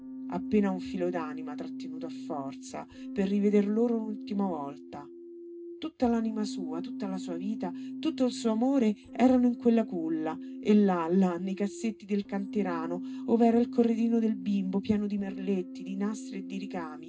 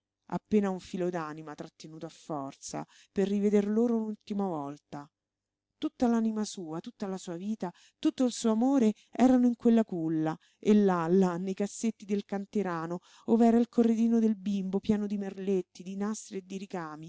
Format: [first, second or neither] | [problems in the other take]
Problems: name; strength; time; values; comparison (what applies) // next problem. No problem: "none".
second | background sound (Keyboard (musical)); 11 dB below the speech // room echo; dies away in 0.2 s